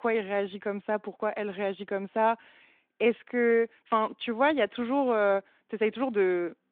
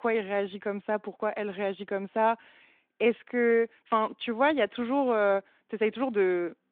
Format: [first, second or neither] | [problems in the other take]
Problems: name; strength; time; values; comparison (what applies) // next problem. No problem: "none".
neither | phone-call audio; the same in both